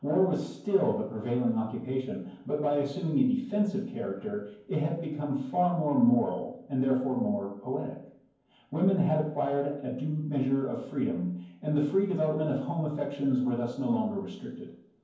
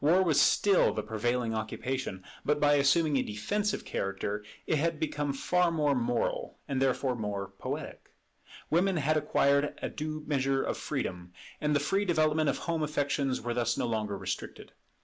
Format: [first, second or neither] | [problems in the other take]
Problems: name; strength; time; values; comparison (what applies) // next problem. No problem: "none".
second | room echo; dies away in 0.9 s